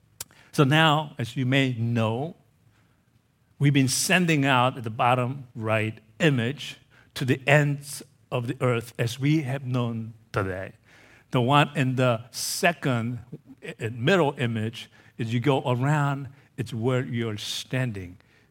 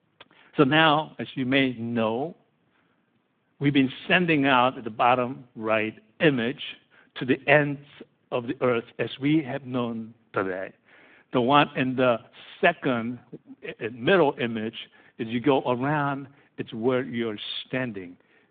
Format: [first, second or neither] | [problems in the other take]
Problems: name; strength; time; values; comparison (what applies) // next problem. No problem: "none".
first | phone-call audio